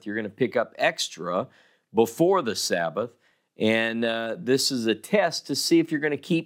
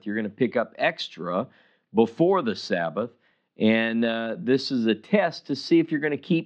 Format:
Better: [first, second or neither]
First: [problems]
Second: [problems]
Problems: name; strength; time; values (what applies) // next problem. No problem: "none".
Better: first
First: none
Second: muffled; very slightly; fading above 4 kHz